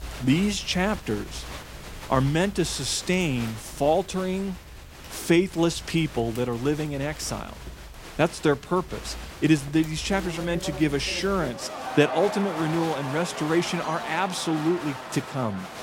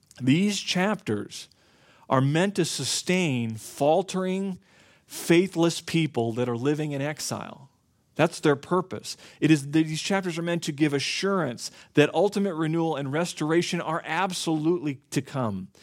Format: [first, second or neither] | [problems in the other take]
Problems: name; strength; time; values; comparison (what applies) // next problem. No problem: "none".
second | crowd noise; noticeable; throughout; 10 dB below the speech